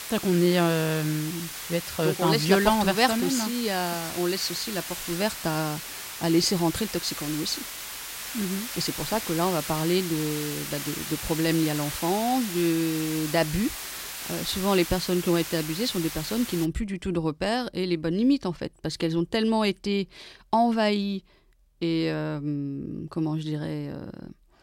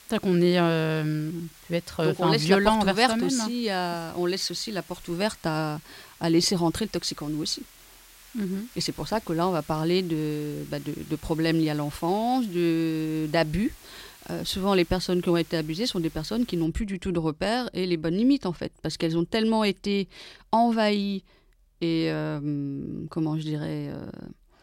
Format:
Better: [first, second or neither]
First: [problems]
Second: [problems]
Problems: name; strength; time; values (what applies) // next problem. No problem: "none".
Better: second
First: hiss; loud; until 17 s; 7 dB below the speech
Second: hiss; faint; until 17 s; 20 dB below the speech